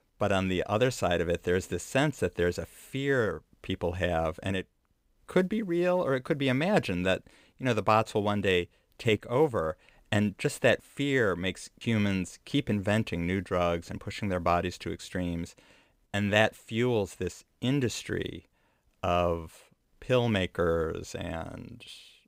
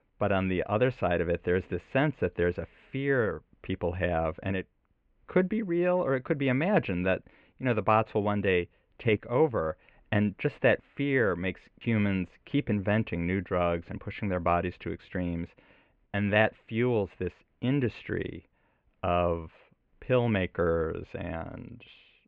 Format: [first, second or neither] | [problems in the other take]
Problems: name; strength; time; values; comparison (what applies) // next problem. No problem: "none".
first | muffled; very; fading above 2.5 kHz